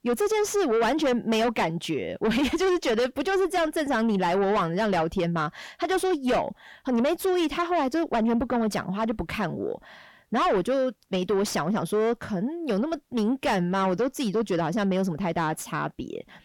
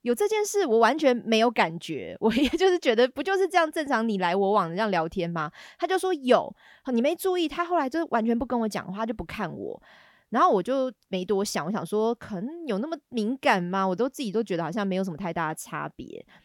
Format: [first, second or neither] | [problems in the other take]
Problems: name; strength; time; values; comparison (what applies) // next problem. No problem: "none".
second | distortion; heavy; 7 dB below the speech